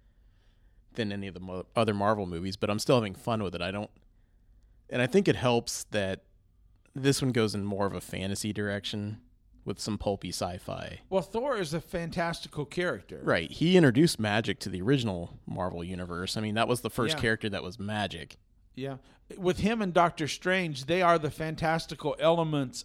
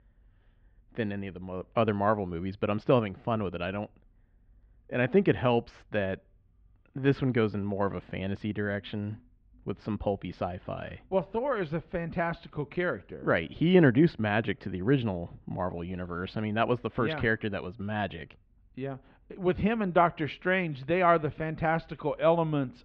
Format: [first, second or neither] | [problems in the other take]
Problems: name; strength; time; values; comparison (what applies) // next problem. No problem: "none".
first | muffled; very; fading above 2.5 kHz